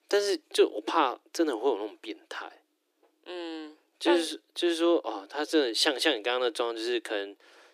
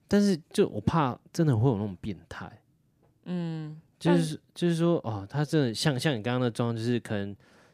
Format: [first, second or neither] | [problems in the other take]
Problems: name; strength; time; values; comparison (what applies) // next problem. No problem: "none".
second | thin; very; fading below 300 Hz